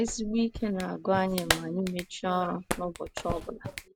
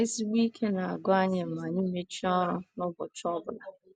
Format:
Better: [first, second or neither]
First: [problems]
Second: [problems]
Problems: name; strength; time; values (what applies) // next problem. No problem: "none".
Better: second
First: background sound (Clapping); 6 dB below the speech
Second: none